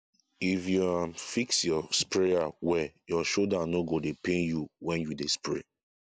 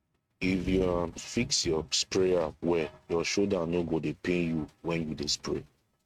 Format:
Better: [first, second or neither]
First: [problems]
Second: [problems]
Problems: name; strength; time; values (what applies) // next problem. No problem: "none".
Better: first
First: none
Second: noise reduction (neural mask model RNNoise)